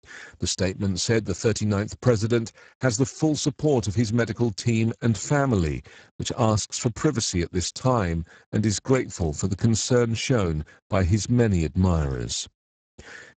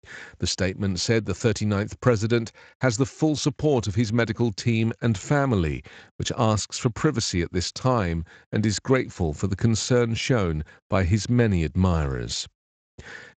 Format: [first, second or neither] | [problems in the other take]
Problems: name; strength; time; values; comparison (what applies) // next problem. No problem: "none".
second | garbled, watery; badly; nothing above 7.5 kHz; slightly in the second